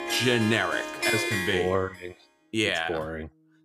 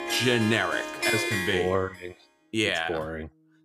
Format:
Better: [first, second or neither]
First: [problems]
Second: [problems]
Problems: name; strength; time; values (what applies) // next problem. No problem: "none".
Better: neither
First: background music; loud; throughout; 2 dB below the speech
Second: background music; loud; throughout; 2 dB below the speech